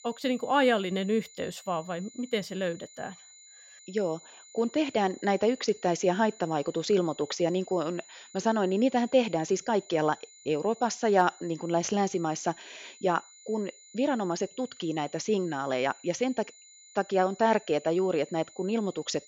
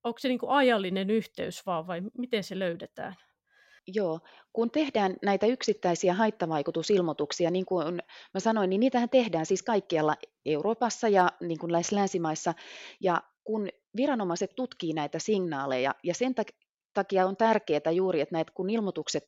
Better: second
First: high-pitched whine; faint; throughout; 7 kHz, 20 dB below the speech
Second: none

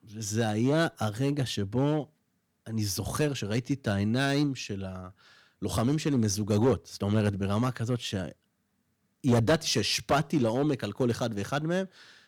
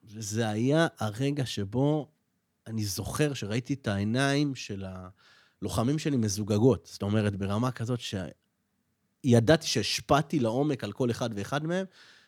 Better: second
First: distortion; slight; 3% of the sound clipped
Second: none

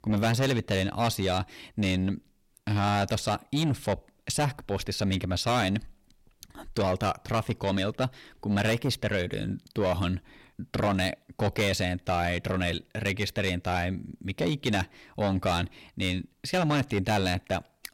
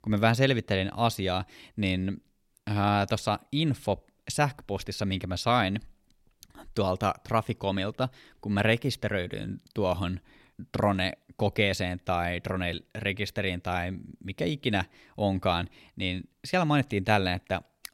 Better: second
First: distortion; heavy; 8 dB below the speech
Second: none

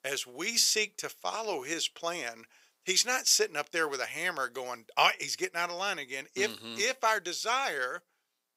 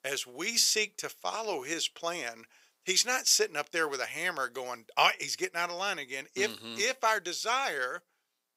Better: neither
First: thin; very; fading below 400 Hz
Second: thin; very; fading below 400 Hz

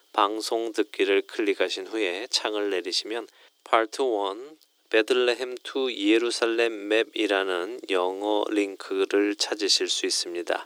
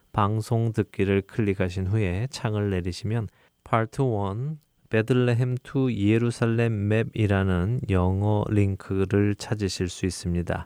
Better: second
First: thin; very; fading below 300 Hz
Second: none

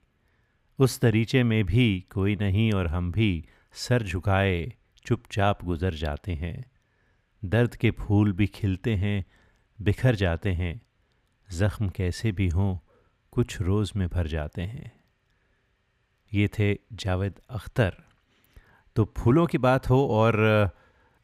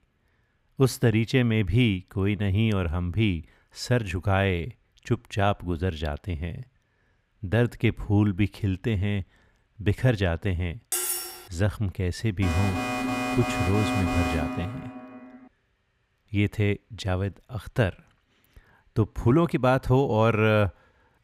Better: first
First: none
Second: clattering dishes; loud; at 11 s; peak level with the speech // alarm; noticeable; from 12 to 15 s; peak 1 dB below the speech

